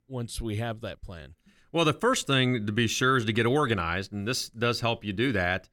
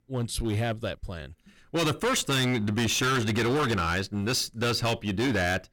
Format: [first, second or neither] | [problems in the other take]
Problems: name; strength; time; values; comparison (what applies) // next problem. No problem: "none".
first | distortion; heavy; 19% of the sound clipped